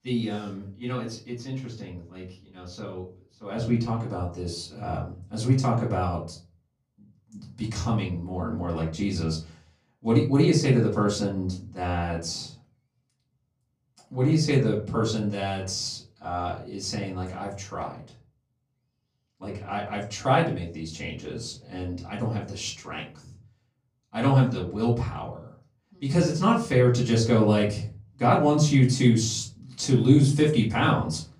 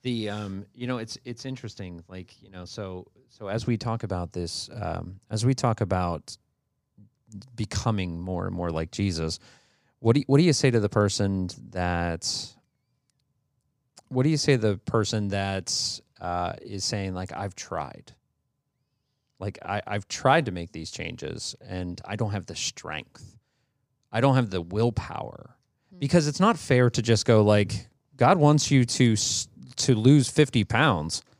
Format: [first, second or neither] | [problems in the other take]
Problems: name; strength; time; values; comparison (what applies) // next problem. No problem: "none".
second | off-mic speech; far // room echo; slight; dies away in 0.4 s